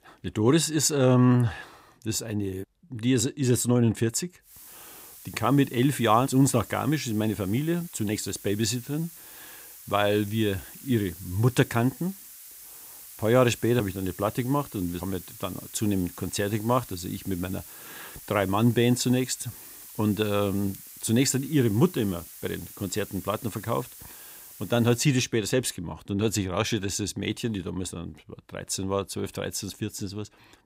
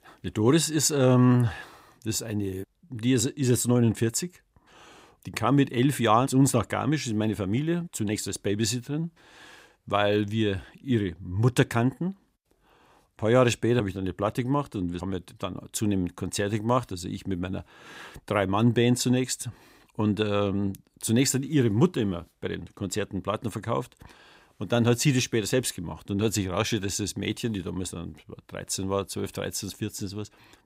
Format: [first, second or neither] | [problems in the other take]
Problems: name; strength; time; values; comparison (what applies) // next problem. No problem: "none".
second | hiss; noticeable; from 4.5 to 25 s; 15 dB below the speech